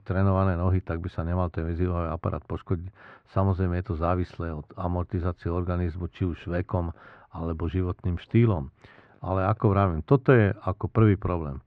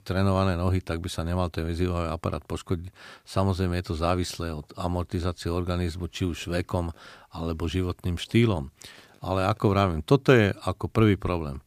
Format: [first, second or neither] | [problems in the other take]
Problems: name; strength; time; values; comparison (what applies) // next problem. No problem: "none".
second | muffled; very; fading above 1.5 kHz